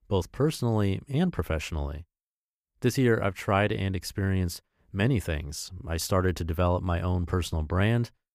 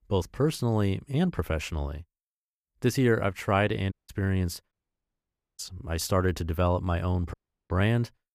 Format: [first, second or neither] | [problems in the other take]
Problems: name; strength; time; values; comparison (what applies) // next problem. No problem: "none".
first | audio cutting out; at 4 s, at 4.5 s for 1 s and at 7.5 s